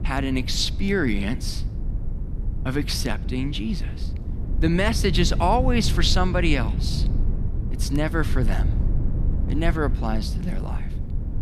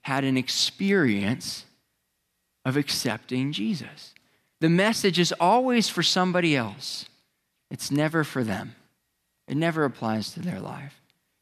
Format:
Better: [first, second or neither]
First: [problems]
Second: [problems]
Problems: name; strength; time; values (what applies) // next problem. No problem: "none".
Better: second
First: low rumble; noticeable; throughout; 15 dB below the speech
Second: none